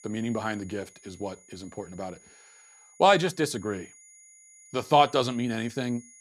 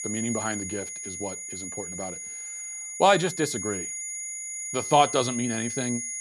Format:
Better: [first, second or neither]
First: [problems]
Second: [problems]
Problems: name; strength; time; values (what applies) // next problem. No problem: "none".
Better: first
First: high-pitched whine; faint; throughout; 6.5 kHz, 25 dB below the speech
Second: high-pitched whine; loud; throughout; 6.5 kHz, 6 dB below the speech